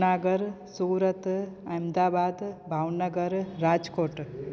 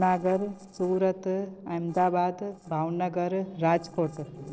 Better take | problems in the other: first | noise reduction (neural separator model SepFormer DNS4)

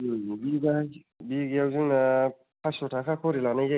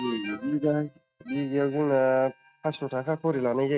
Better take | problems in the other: first | noise reduction (neural mask model RNNoise)

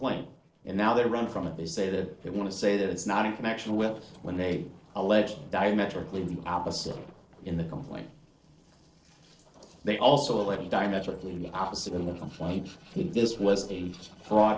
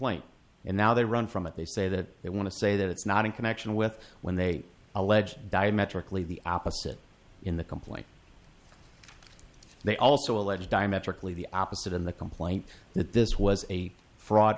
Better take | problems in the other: second | noise reduction (neural separator model SepFormer DNS4)

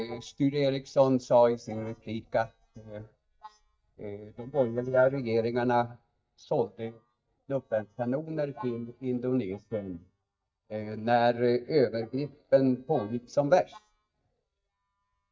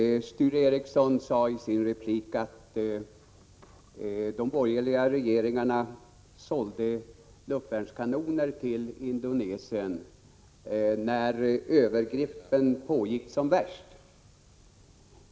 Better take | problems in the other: second | noise reduction (neural mask model DeepFilterNet 3)

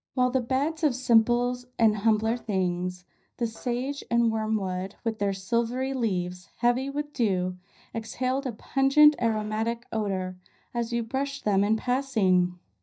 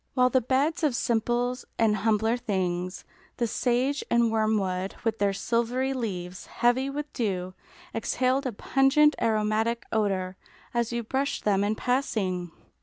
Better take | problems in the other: second | noise reduction (neural mask model DeepFilterNet 3)

